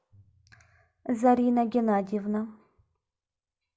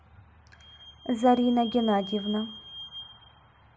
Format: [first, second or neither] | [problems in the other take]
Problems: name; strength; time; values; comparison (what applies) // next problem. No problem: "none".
first | background sound (Squeak / Vehicle); 15 dB below the speech